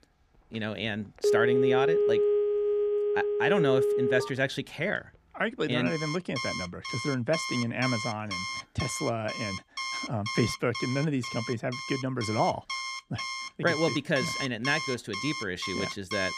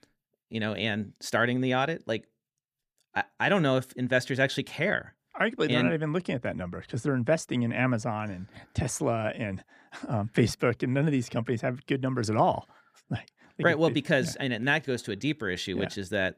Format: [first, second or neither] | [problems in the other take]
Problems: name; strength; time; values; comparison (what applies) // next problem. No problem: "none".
second | alarms or sirens; very loud; throughout; as loud as the speech